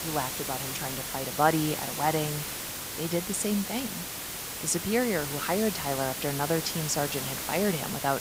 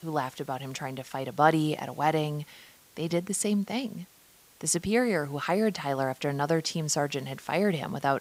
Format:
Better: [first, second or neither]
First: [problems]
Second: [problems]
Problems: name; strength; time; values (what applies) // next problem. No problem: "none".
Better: second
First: hiss; loud; throughout; 3 dB below the speech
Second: hiss; faint; throughout; 25 dB below the speech